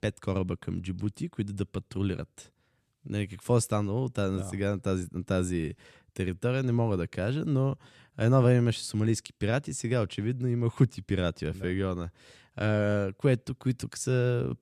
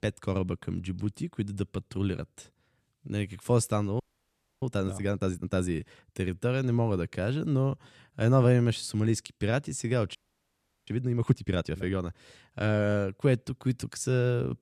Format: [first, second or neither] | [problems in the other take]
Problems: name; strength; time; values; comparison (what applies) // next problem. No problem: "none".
first | audio freezing; at 4 s for 0.5 s and at 10 s for 0.5 s